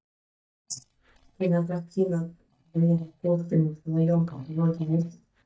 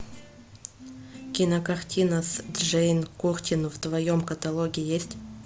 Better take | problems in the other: second | noise reduction (neural mask model DeepFilterNet 3)

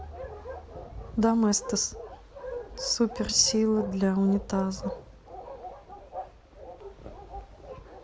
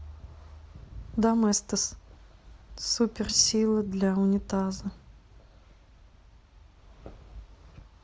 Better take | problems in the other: second | background sound (Bark); 12 dB below the speech

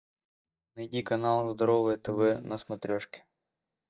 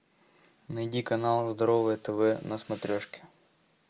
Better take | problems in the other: second | noise reduction (neural mask model DeepFilterNet 3)

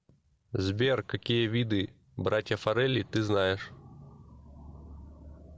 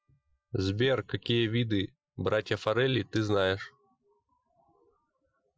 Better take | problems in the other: first | noise reduction (classical method Wiener filter)

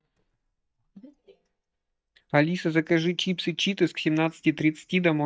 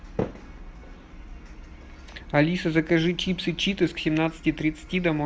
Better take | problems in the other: second | noise reduction (neural mask model DeepFilterNet 3)

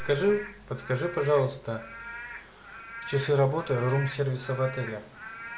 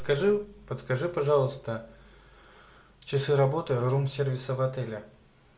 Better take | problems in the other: second | background sound (Rain / Frog); 13 dB below the speech

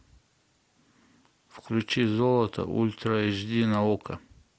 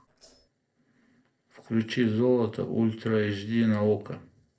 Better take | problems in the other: first | noise reduction (neural separator model SepFormer DNS4)

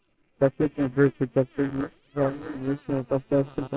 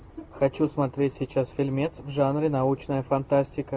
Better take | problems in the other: second | noise reduction (neural separator model SepFormer WHAMR!)

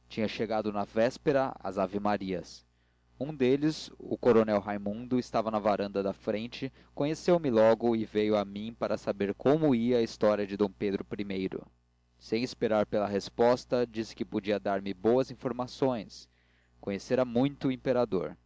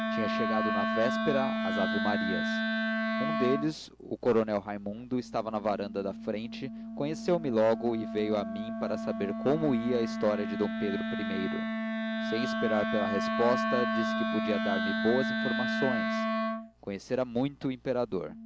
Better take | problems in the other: first | background sound (Wind instrument, woodwind instrument); 1 dB below the speech

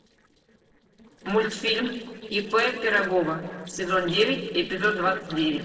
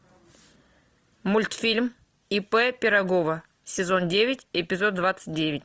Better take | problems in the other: second | noise reduction (neural separator model SepFormer DNS4)

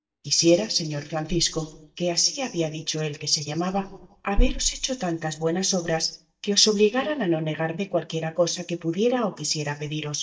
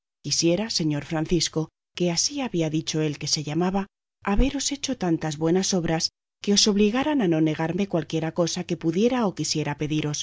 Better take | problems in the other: second | noise reduction (neural mask model DeepFilterNet 3)

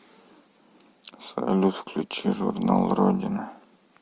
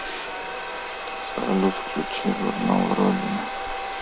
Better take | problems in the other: first | background sound (Domestic sounds, home sounds); 4 dB below the speech

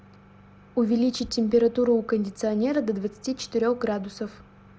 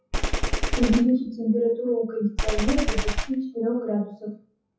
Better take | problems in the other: first | noise reduction (classical method WPE with log-MMSE)

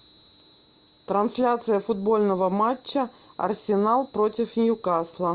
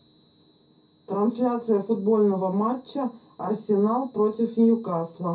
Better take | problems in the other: first | room echo; dies away in 0.3 s

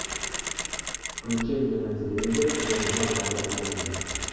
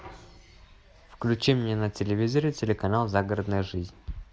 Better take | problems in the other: second | background sound (Mechanisms); 3 dB below the speech // room echo; dies away in 2.2 s

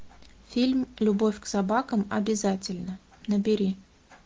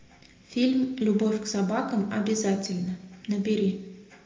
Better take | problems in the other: first | room echo; dies away in 0.7 s

